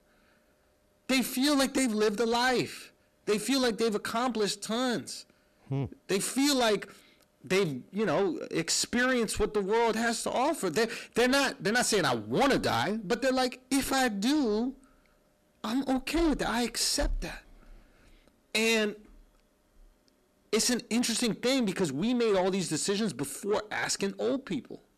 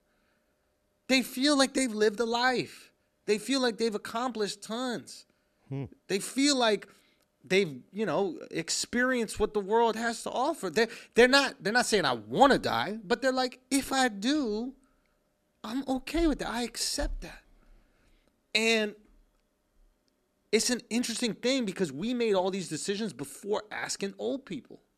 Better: second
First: distortion; heavy; 7 dB below the speech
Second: none

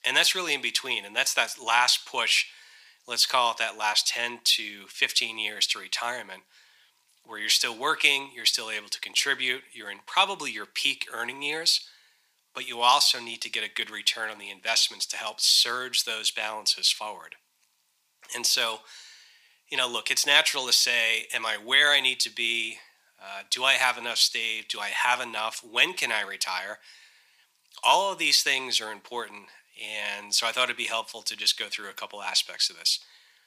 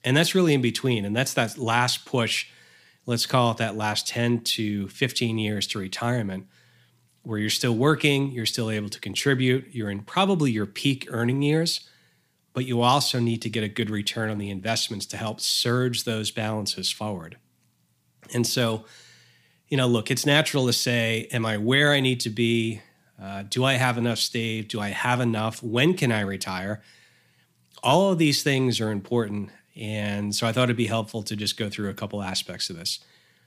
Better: second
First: thin; very; fading below 850 Hz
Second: none

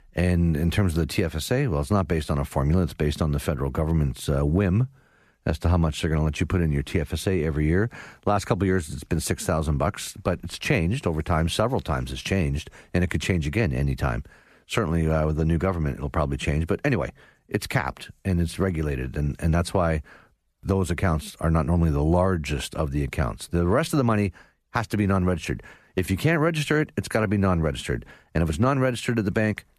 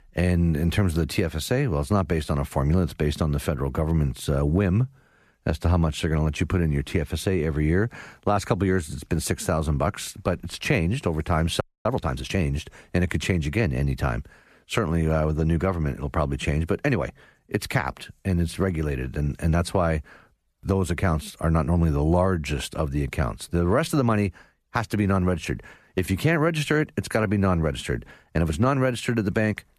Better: first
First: none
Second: audio freezing; at 12 s

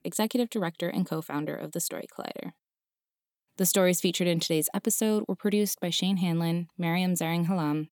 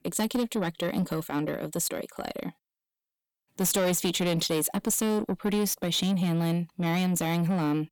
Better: first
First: none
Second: distortion; slight; 10 dB below the speech

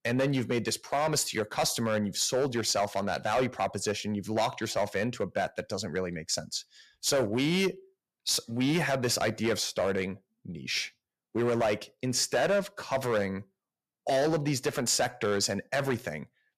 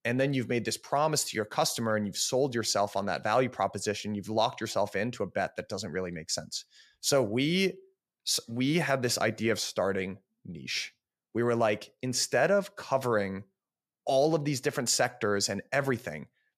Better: second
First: distortion; slight; 7% of the sound clipped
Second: none

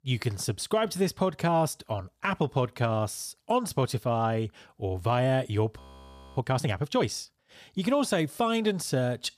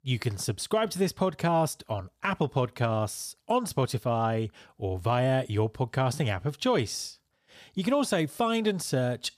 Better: second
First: audio freezing; at 6 s for 0.5 s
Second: none

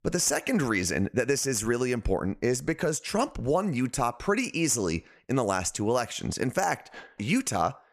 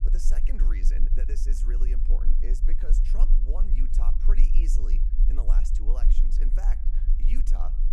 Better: first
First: none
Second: low rumble; loud; throughout; 6 dB below the speech

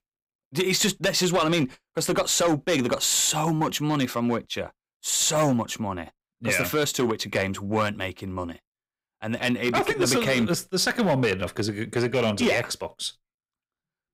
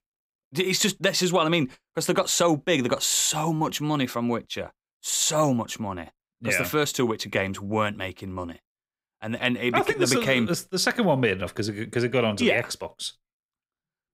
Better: second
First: distortion; slight; 5% of the sound clipped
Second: none

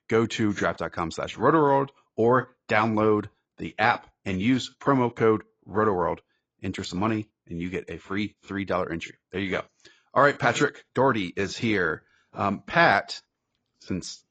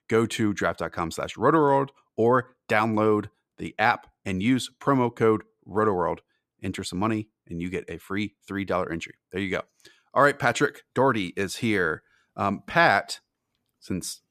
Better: second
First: garbled, watery; badly; nothing above 7.5 kHz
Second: none

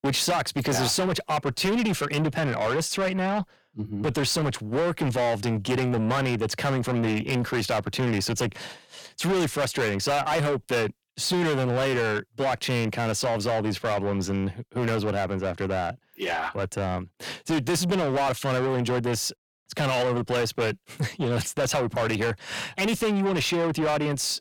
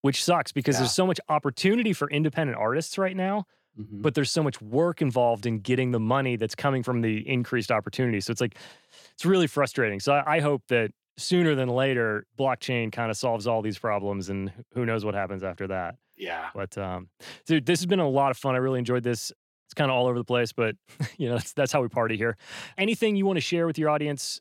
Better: second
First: distortion; heavy; 6 dB below the speech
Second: none

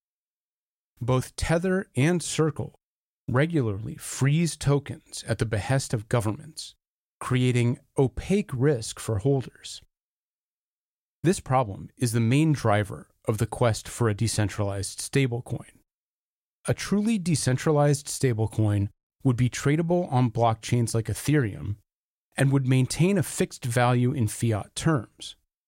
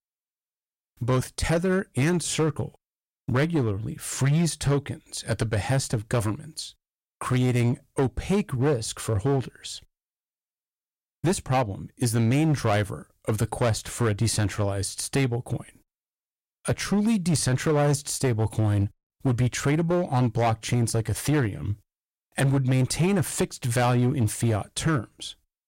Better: first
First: none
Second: distortion; slight; 9% of the sound clipped

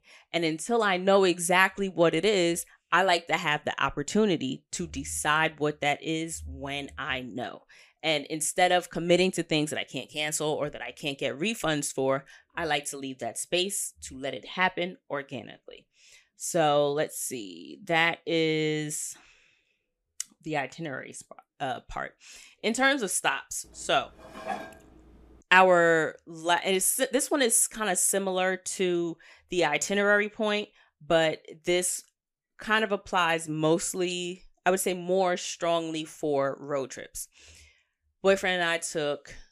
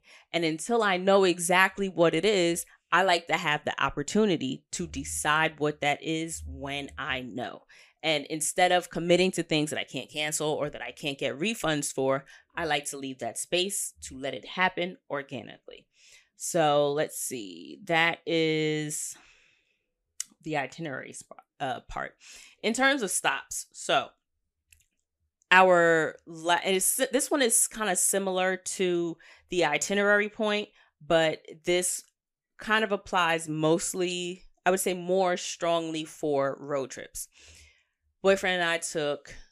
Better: second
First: clattering dishes; noticeable; at 24 s; peak 10 dB below the speech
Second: none

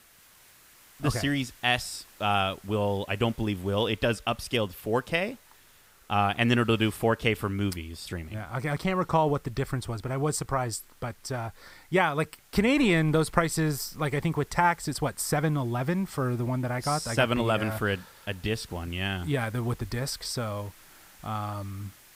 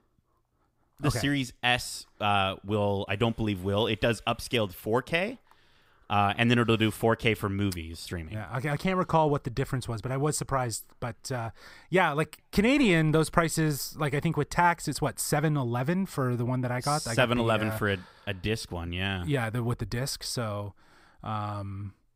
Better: second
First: hiss; faint; throughout; 25 dB below the speech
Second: none

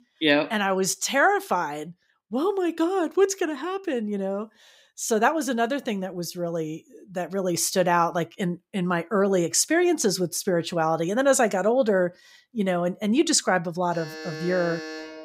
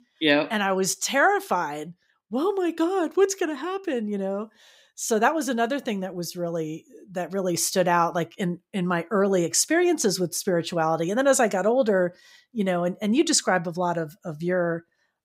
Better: second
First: alarm; faint; from 14 s on; peak 10 dB below the speech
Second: none

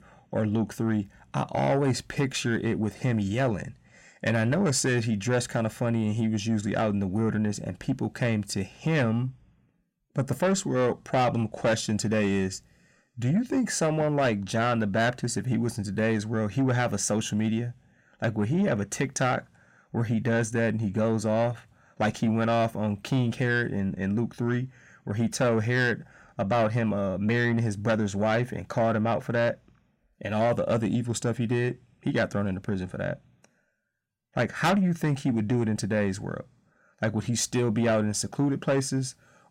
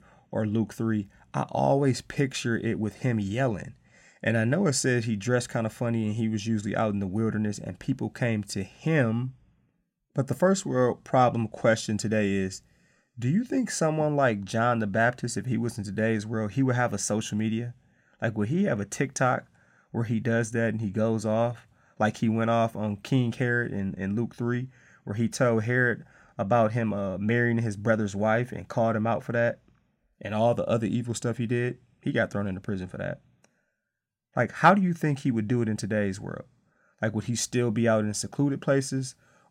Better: second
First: distortion; slight; 10 dB below the speech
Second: none

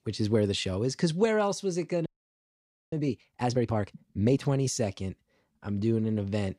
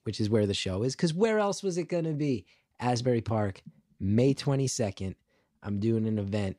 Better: second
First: audio freezing; at 2 s for 1 s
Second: none

